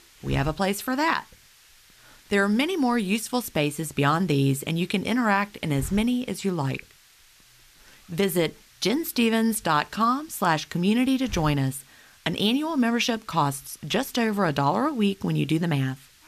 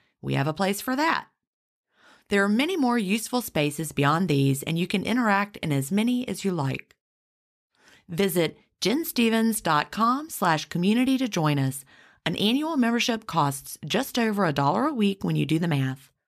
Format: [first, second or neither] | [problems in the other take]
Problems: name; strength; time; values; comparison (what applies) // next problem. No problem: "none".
second | hiss; faint; throughout; 25 dB below the speech